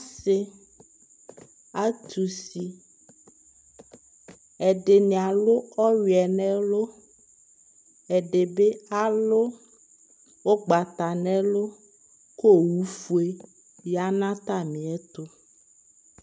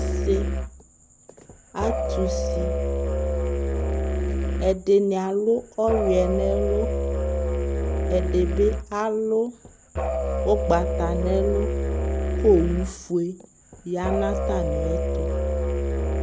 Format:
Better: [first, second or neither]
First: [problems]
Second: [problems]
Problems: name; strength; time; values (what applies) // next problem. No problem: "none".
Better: first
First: none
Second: background sound (Musical instrument); 1 dB above the speech